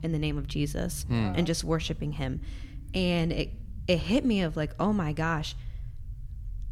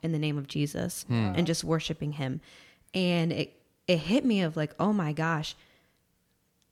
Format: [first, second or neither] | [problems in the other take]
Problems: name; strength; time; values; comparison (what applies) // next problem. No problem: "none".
second | low rumble; faint; throughout; 25 dB below the speech